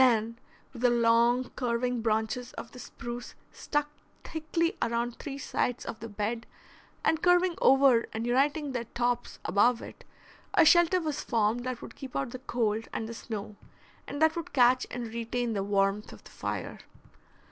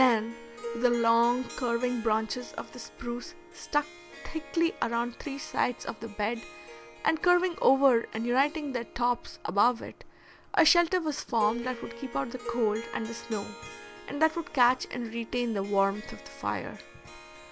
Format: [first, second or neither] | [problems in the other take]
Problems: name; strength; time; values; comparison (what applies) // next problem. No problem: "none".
first | background sound (Harp); 15 dB below the speech